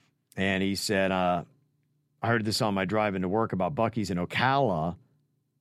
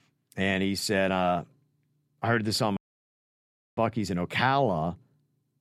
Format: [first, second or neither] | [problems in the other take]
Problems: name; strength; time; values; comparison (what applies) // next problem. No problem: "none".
first | audio cutting out; at 3 s for 1 s